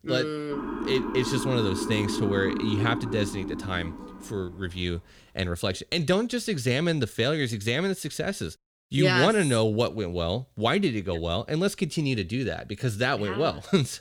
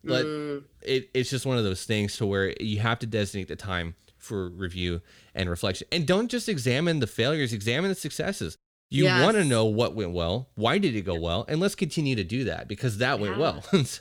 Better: second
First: siren; noticeable; from 0.5 to 4.5 s; peak 3 dB below the speech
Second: none

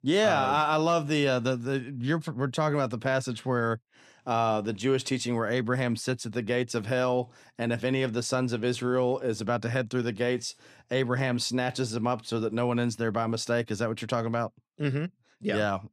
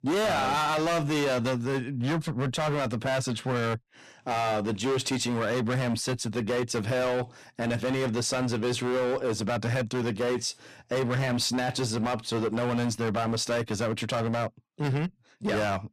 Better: first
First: none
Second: distortion; heavy; 22% of the sound clipped

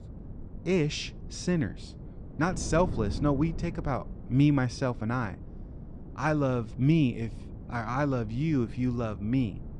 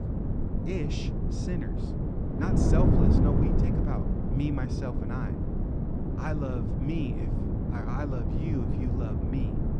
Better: first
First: wind noise on the microphone; occasional gusts; 20 dB below the speech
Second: wind noise on the microphone; heavy; 2 dB above the speech

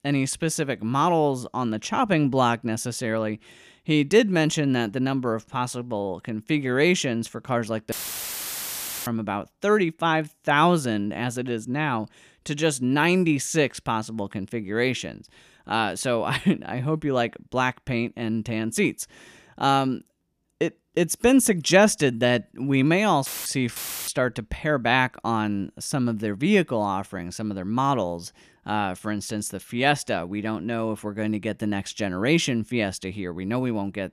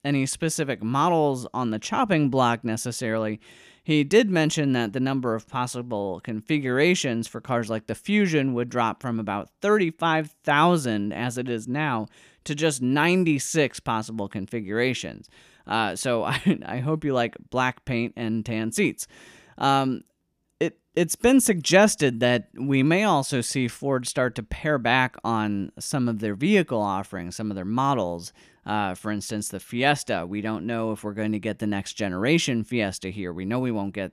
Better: second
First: audio cutting out; filled with static; at 8 s for 1 s, at 23 s and at 24 s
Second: none

